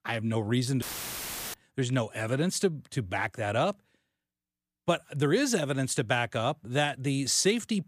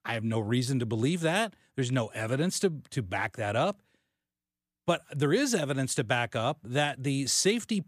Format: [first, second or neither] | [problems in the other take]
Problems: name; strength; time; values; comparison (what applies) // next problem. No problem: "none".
second | audio cutting out; filled with static; at 1 s for 0.5 s